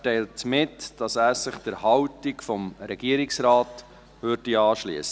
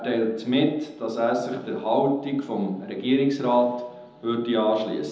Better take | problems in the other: first | room echo; dies away in 0.8 s

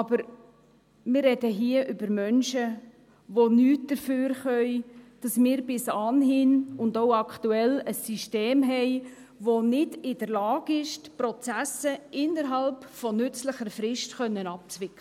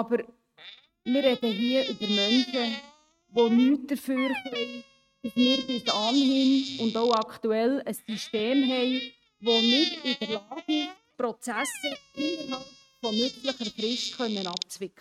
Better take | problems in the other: first | noise reduction (neural mask model RNNoise)

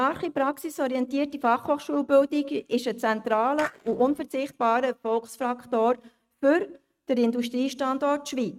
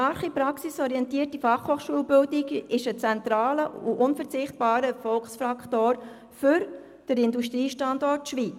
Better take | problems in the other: second | noise reduction (neural mask model RNNoise)

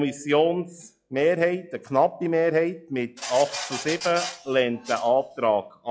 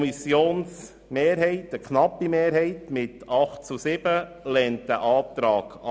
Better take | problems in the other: second | noise reduction (classical method log-MMSE)

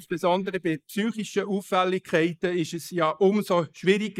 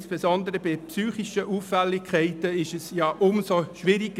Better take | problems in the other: second | noise reduction (neural mask model Resemble Enhance denoiser)

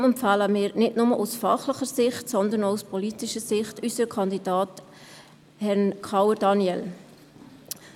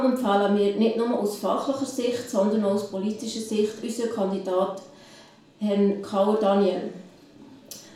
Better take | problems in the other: first | room echo; dies away in 0.4 s

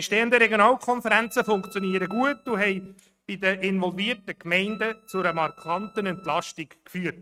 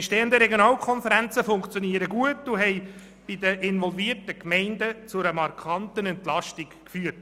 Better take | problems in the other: second | noise reduction (neural mask model RNNoise)

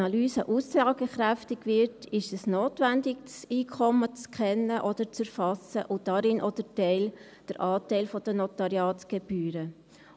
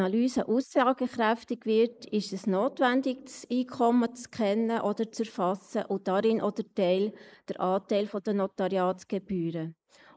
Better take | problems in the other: first | noise reduction (neural mask model Resemble Enhance denoiser)

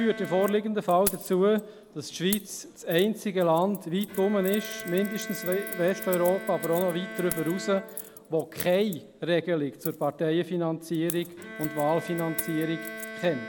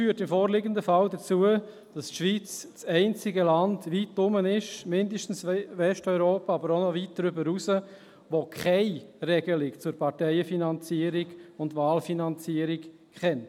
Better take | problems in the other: second | background sound (Keys jangling + Bowed string instrument); 12 dB below the speech

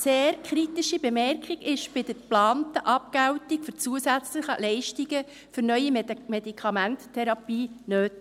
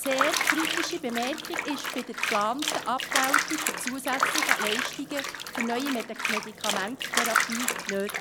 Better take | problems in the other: first | background sound (Bathtub (filling or washing)); 2 dB above the speech

